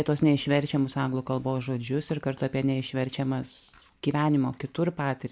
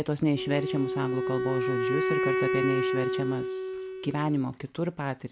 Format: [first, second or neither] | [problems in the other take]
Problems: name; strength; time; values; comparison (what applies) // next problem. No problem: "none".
first | background sound (Wind instrument, woodwind instrument); as loud as the speech